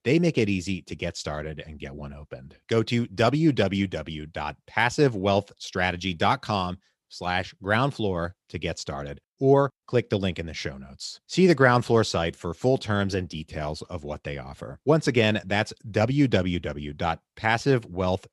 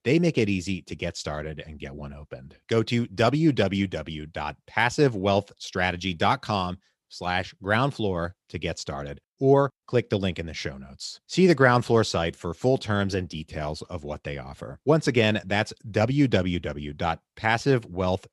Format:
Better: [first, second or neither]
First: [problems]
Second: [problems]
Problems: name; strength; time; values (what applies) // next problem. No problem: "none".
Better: neither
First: none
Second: none